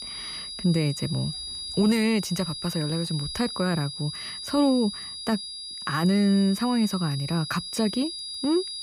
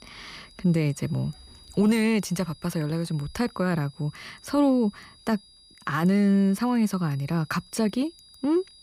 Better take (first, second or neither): second